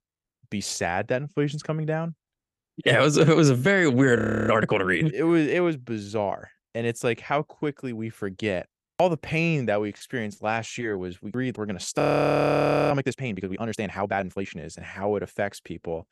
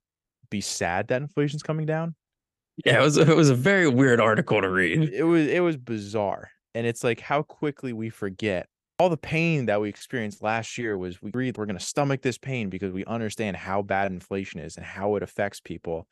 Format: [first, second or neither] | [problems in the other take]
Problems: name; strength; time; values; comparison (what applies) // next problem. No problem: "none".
second | audio freezing; at 4 s and at 12 s for 1 s